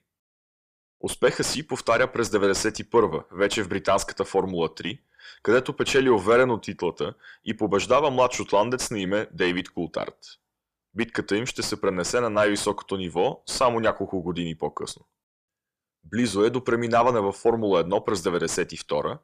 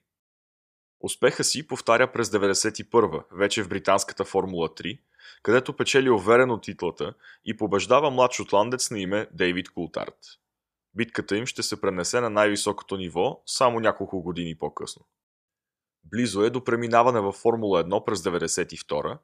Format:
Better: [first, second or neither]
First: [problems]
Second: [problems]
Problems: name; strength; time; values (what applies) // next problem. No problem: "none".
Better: second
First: distortion; slight; 10 dB below the speech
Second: none